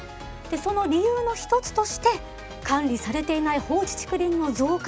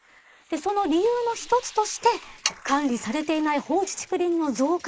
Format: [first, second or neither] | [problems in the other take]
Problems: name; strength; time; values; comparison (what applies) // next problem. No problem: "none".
first | noise reduction (neural mask model Resemble Enhance denoiser)